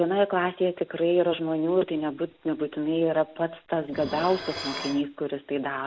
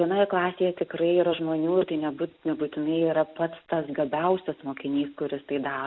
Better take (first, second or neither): second